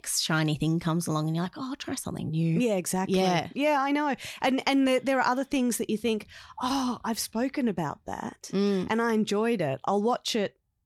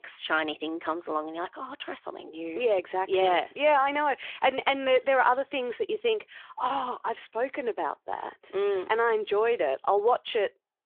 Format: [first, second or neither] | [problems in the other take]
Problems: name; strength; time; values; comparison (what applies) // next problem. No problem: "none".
first | phone-call audio